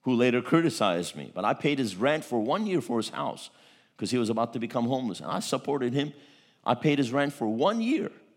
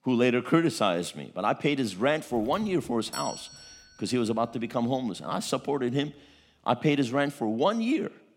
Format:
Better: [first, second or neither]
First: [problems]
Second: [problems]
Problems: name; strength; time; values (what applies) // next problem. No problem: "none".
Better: first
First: none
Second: doorbell; noticeable; from 2.5 to 4 s; peak 10 dB below the speech